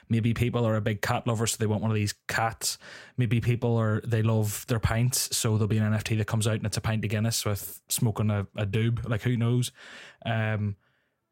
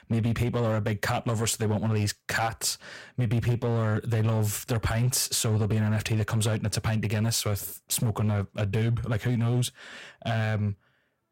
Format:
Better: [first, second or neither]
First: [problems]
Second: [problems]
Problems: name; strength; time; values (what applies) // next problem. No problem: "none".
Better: first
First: none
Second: distortion; slight; 10% of the sound clipped